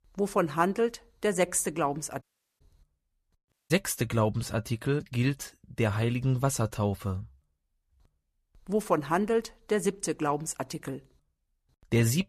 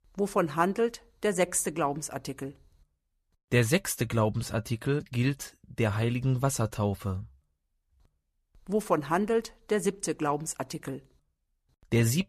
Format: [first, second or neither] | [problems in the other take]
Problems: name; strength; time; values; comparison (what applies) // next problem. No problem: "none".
second | audio cutting out; at 2 s and at 3.5 s